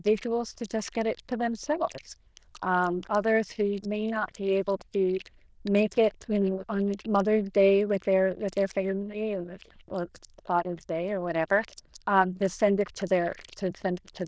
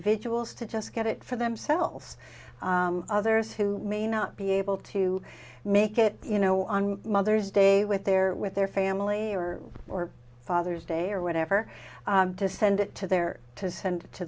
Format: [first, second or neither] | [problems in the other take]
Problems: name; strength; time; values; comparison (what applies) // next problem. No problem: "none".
second | noise reduction (neural diffusion model UNIVERSE++)